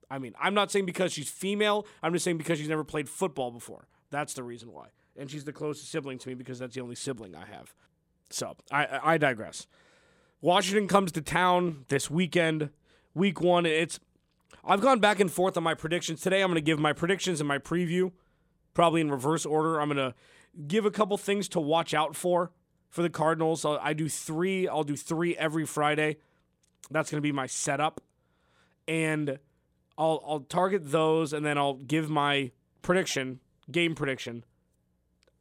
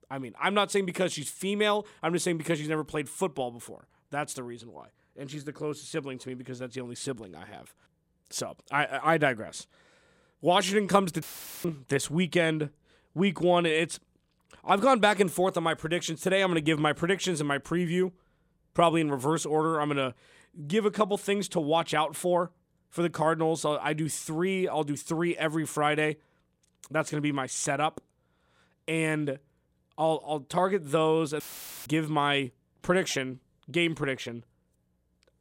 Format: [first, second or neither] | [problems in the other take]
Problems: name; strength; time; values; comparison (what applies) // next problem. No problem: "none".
first | audio cutting out; filled with static; at 11 s and at 31 s